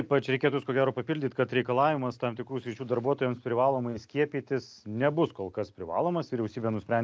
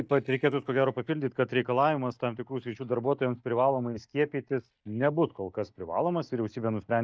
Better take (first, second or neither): first